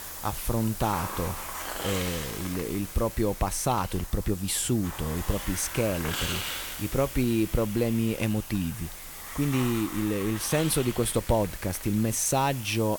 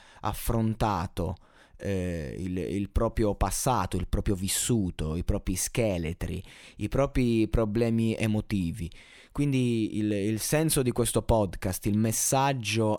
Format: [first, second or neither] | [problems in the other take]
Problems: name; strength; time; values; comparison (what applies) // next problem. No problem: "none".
second | hiss; loud; throughout; 8 dB below the speech